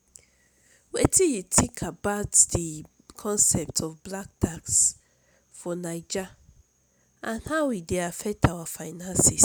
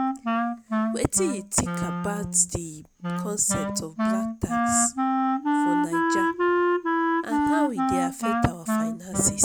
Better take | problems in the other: first | background sound (Wind instrument, woodwind instrument); 4 dB above the speech

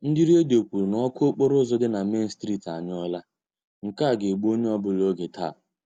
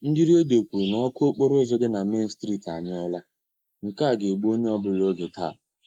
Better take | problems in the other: first | noise reduction (neural mask model Resemble Enhance denoiser)

